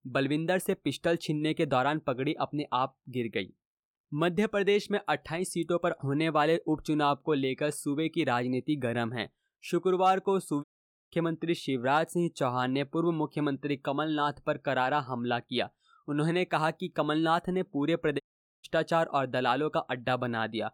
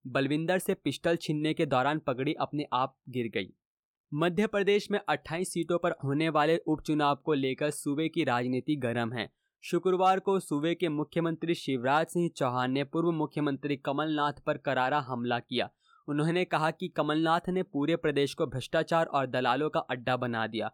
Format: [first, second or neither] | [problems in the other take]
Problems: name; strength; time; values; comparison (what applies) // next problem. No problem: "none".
second | audio cutting out; at 11 s and at 18 s